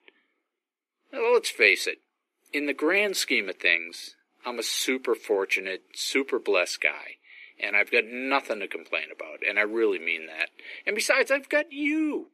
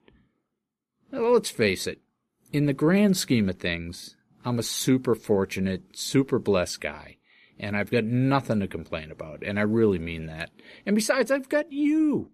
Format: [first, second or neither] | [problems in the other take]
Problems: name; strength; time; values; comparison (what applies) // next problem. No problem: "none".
second | thin; somewhat; fading below 300 Hz